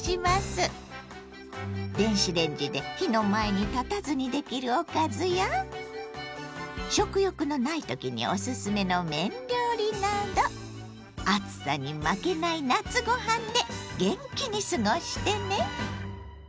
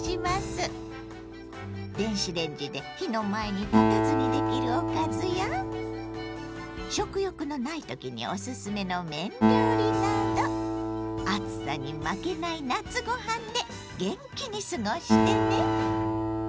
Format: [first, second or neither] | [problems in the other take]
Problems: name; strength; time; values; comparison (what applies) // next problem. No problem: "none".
first | background sound (Acoustic guitar); 2 dB above the speech